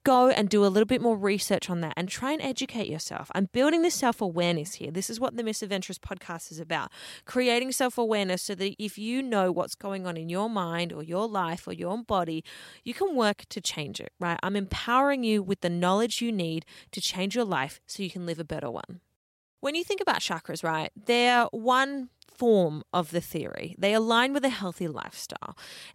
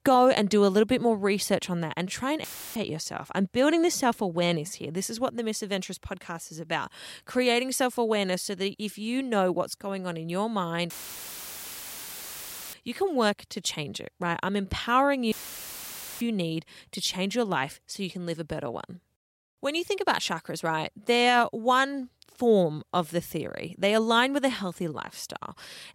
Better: first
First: none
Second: audio cutting out; filled with static; at 2.5 s, at 11 s for 2 s and at 15 s for 1 s

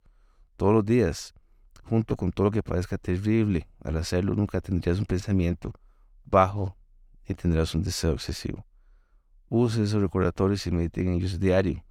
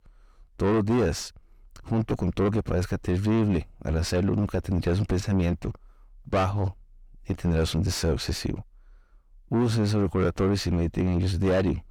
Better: first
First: none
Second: distortion; heavy; 6 dB below the speech

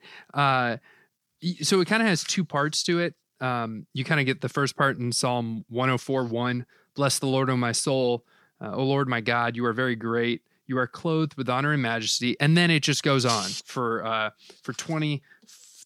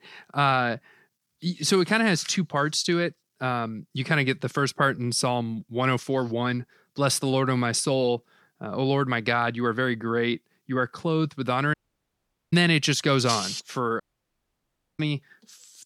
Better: first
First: none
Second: audio cutting out; at 12 s for 1 s and at 14 s for 1 s

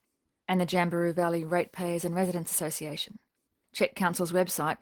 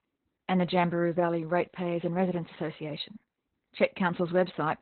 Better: first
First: garbled, watery; slightly; nothing above 18 kHz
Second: garbled, watery; badly; nothing above 4 kHz

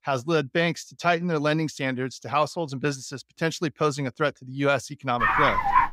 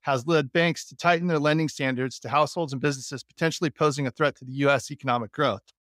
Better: second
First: dog barking; loud; at 5 s; peak 5 dB above the speech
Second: none

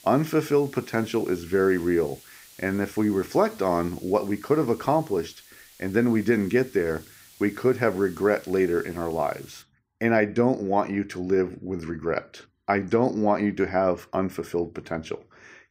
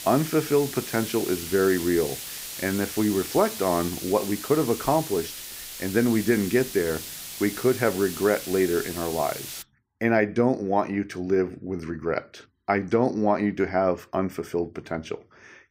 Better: first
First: hiss; faint; until 9.5 s; 25 dB below the speech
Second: hiss; loud; until 9.5 s; 9 dB below the speech

